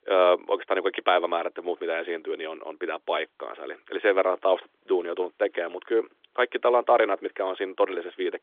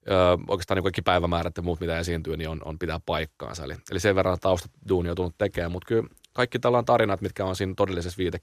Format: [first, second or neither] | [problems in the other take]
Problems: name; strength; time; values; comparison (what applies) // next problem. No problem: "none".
second | phone-call audio; nothing above 3.5 kHz